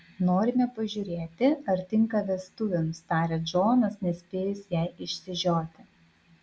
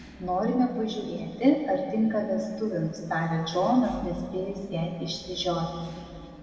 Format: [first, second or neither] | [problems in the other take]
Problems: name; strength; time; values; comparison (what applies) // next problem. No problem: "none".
first | background sound (Engine / Mechanisms); 19 dB below the speech // room echo; dies away in 2.1 s